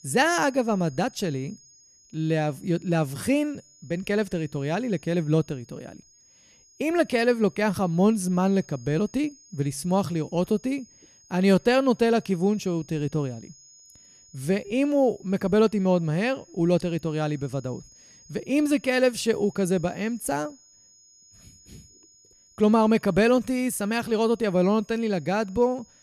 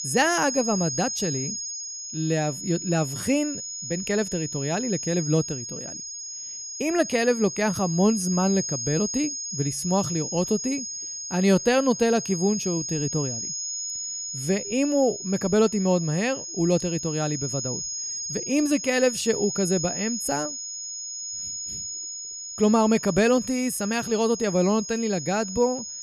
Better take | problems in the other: first | high-pitched whine; loud; throughout; 6.5 kHz, 6 dB below the speech; faint in the first

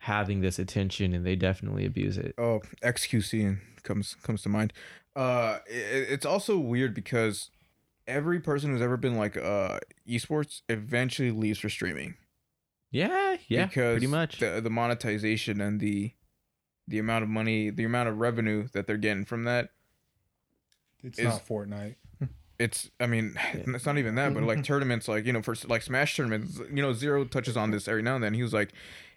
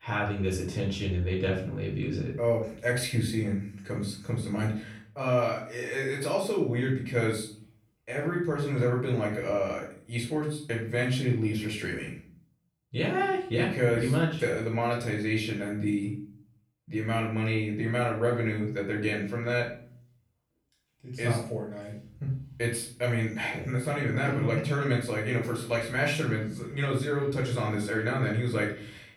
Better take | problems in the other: first | room echo; slight; dies away in 0.4 s // off-mic speech; far

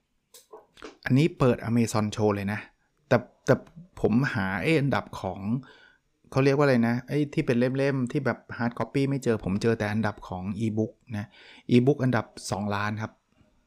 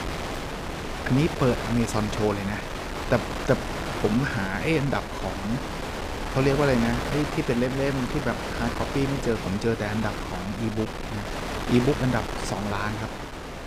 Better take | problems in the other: first | wind noise on the microphone; heavy; 3 dB below the speech

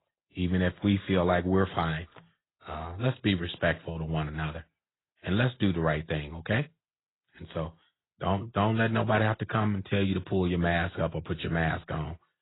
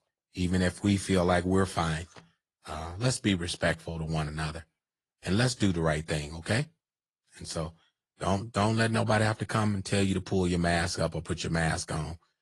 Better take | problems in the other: second | garbled, watery; badly; nothing above 4 kHz; slightly in the second

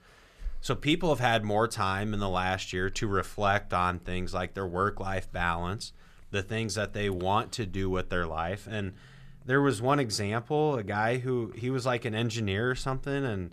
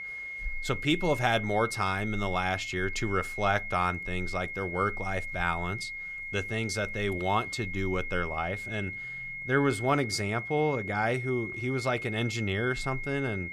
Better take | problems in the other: first | high-pitched whine; loud; throughout; 2 kHz, 6 dB below the speech

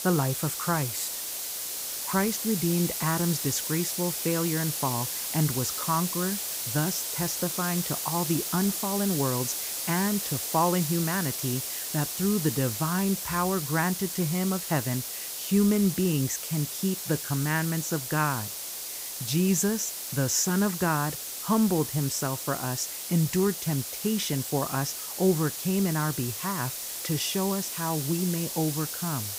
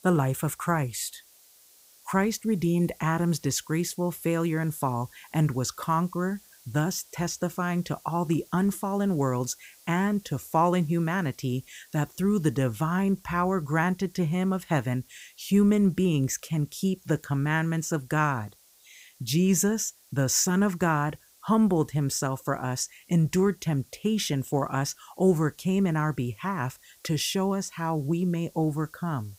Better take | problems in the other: second | hiss; loud; throughout; 3 dB below the speech; faint in the second

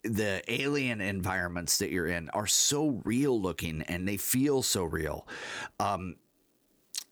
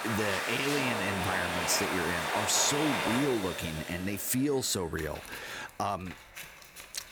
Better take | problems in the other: first | household noises; loud; throughout; 1 dB below the speech

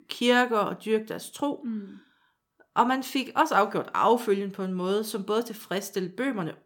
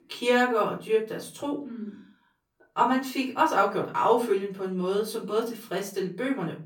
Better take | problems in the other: first | off-mic speech; far // room echo; very slight; dies away in 0.3 s

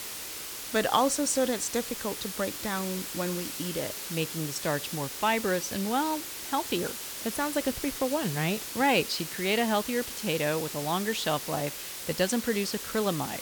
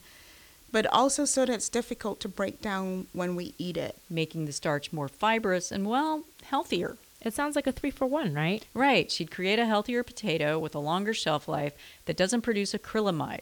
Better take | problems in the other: second | hiss; loud; throughout; 6 dB below the speech; faint in the second

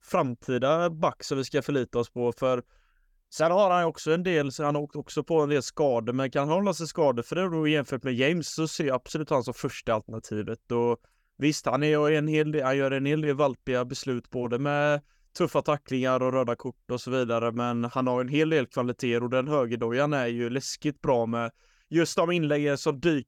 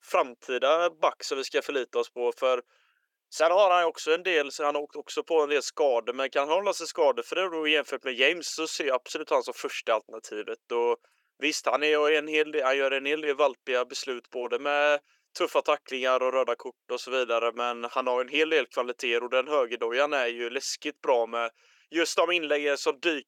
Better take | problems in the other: first | thin; very; fading below 400 Hz

